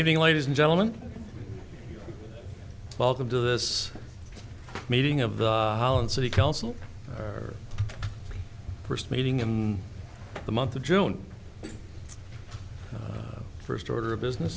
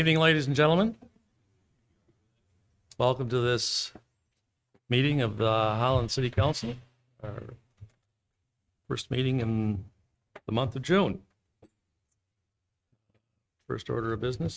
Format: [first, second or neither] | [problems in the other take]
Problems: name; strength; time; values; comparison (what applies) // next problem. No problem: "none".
first | noise reduction (neural mask model RNNoise)